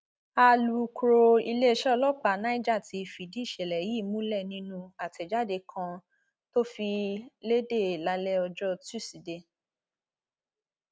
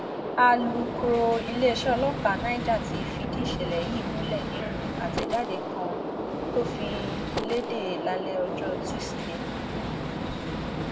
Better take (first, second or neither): first